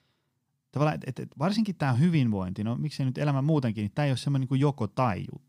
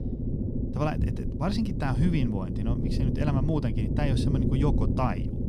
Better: first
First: none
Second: low rumble; loud; throughout; 4 dB below the speech

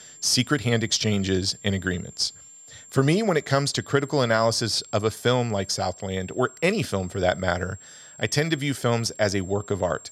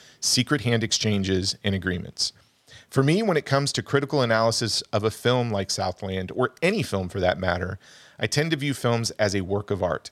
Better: second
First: high-pitched whine; faint; throughout; 7.5 kHz, 20 dB below the speech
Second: none

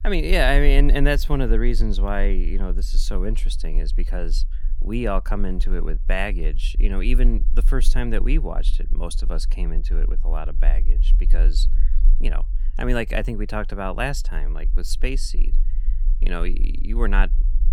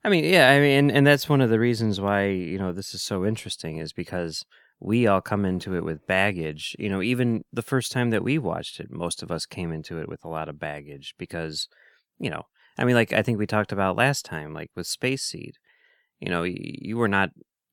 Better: second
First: low rumble; faint; throughout; 25 dB below the speech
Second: none

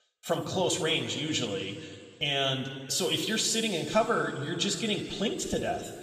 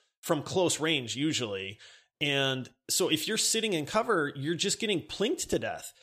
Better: second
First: room echo; noticeable; dies away in 1.9 s // off-mic speech; somewhat distant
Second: none

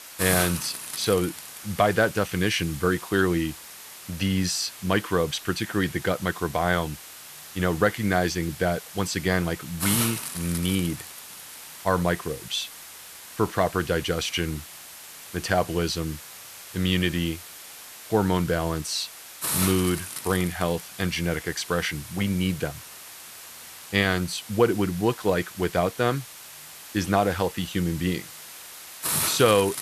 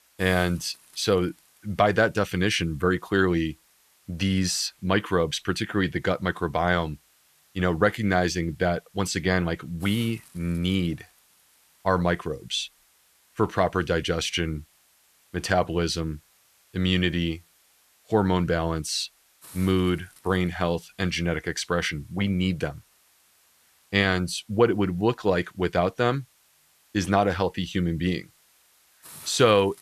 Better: second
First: hiss; loud; throughout; 9 dB below the speech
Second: hiss; faint; throughout; 30 dB below the speech

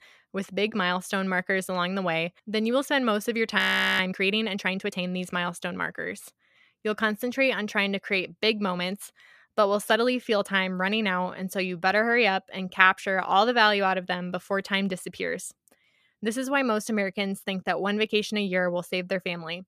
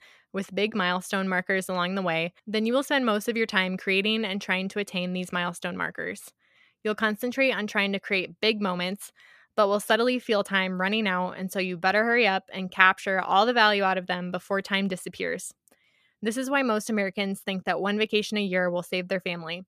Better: second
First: audio freezing; at 3.5 s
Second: none

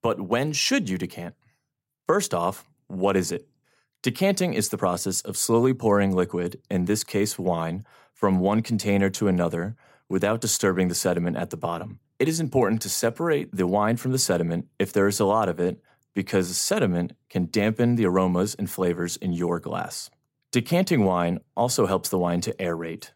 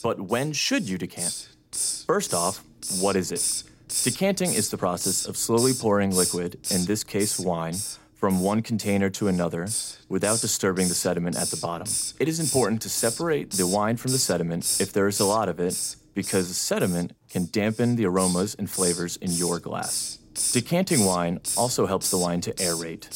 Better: first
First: none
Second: hiss; loud; throughout; 2 dB below the speech

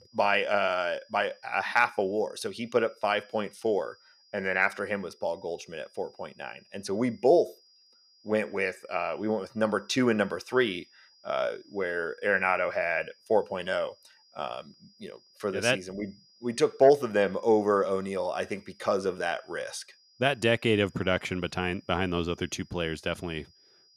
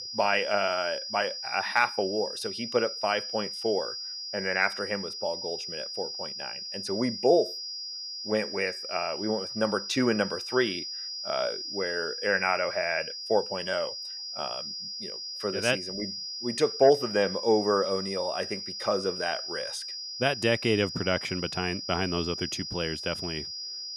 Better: first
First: high-pitched whine; faint; throughout; 5 kHz, 30 dB below the speech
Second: high-pitched whine; loud; throughout; 5 kHz, 5 dB below the speech

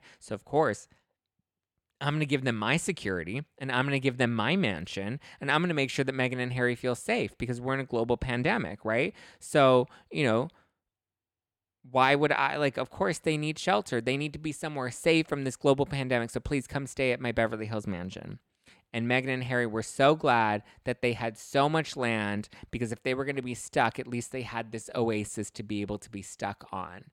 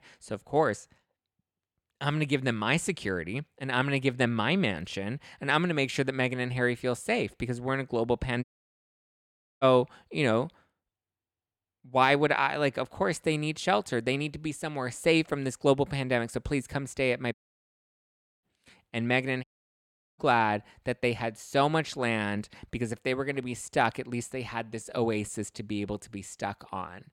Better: first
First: none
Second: audio cutting out; at 8.5 s for 1 s, at 17 s for 1 s and at 19 s for 0.5 s

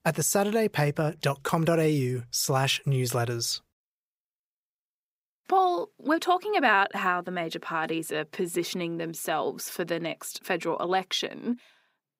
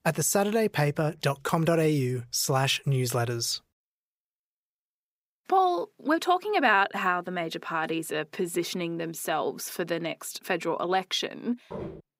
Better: first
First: none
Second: footsteps; faint; at 12 s; peak 10 dB below the speech

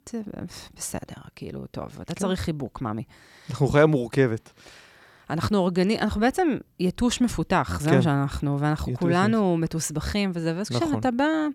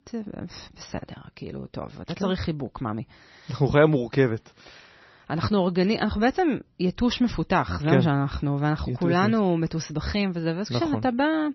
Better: first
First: none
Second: garbled, watery; slightly; nothing above 6 kHz

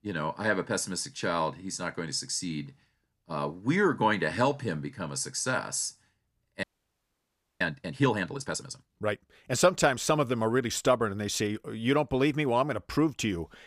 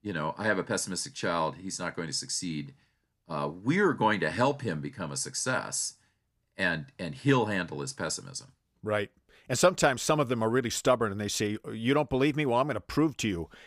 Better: second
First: audio freezing; at 6.5 s for 1 s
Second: none

